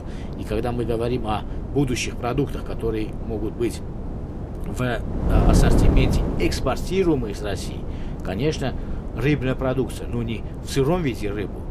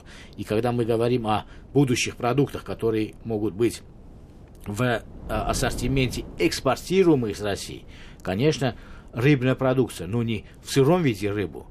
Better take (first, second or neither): second